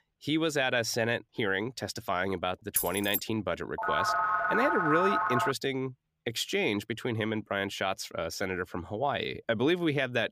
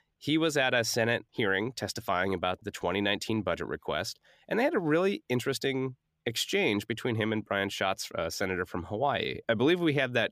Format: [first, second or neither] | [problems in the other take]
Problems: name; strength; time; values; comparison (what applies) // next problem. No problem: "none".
second | jangling keys; loud; at 3 s; peak 1 dB above the speech // phone ringing; loud; from 4 to 5.5 s; peak 3 dB above the speech